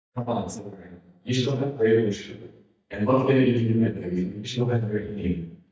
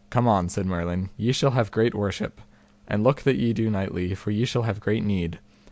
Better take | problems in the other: second | noise reduction (neural mask model DeepFilterNet 3)

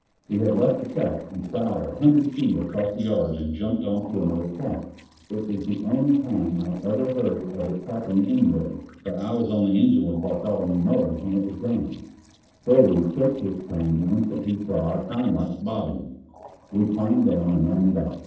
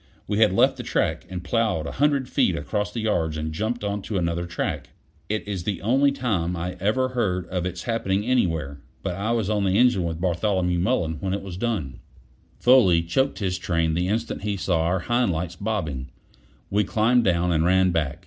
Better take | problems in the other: second | noise reduction (neural separator model SepFormer DNS4)

